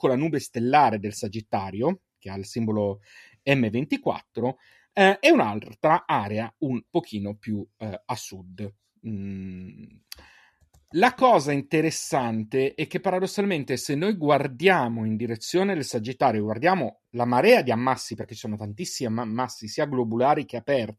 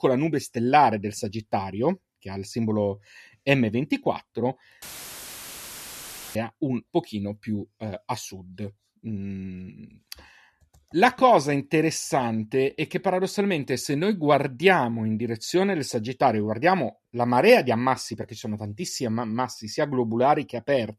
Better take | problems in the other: first | audio cutting out; filled with static; at 5 s for 1.5 s

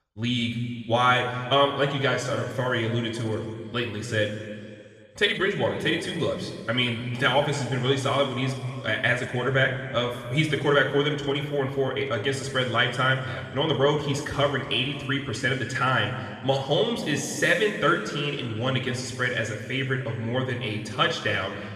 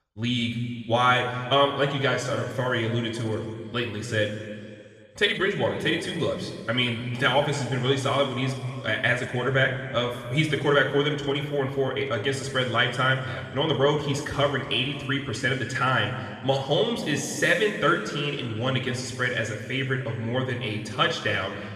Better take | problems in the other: neither | room echo; noticeable; dies away in 2.1 s; the same in both // off-mic speech; somewhat distant; the same in both

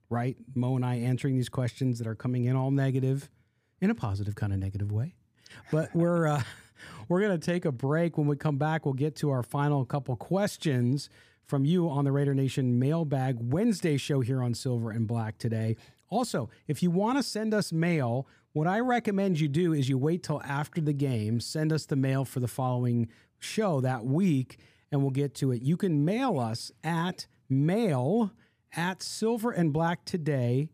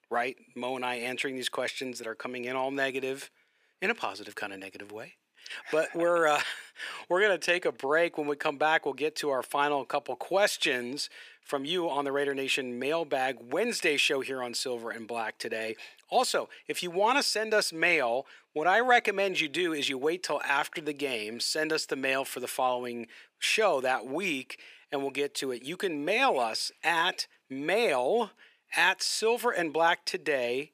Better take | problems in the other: first | thin; very; fading below 450 Hz

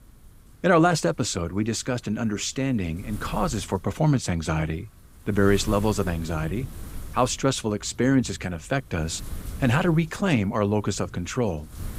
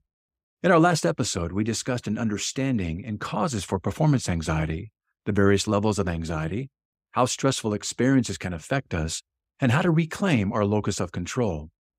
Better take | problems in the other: second | wind noise on the microphone; occasional gusts; 20 dB below the speech

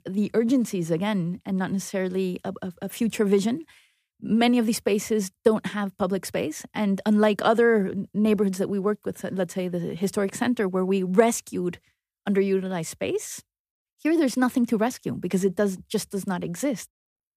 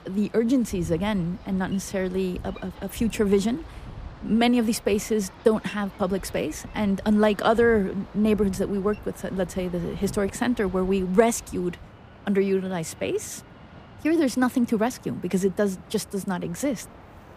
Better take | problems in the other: first | train or aircraft noise; noticeable; throughout; 20 dB below the speech

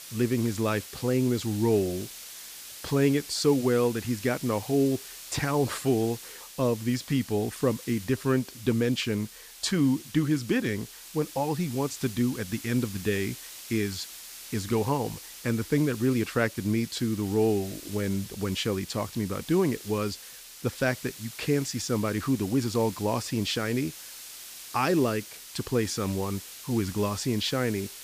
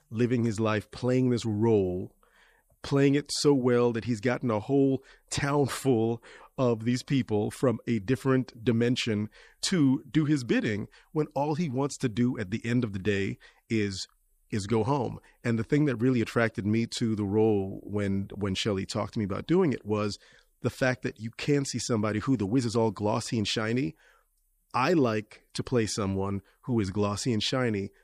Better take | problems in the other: second | hiss; noticeable; throughout; 15 dB below the speech

